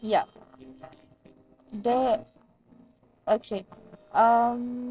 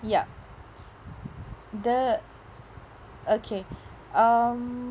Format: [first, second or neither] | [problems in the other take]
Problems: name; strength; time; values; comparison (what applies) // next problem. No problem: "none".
second | noise reduction (neural separator model SepFormer DNS4)